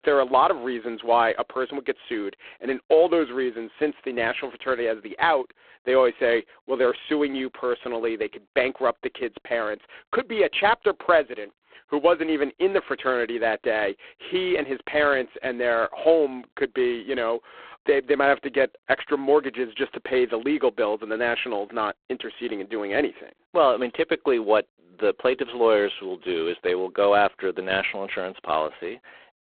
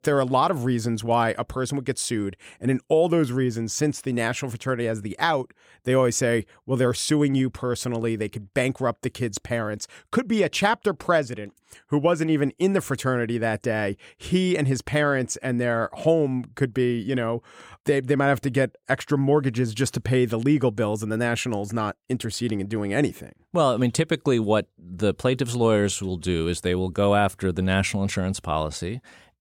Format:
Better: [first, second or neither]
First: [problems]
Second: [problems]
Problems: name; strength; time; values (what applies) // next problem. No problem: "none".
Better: second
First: phone-call audio; poor line; nothing above 3.5 kHz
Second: none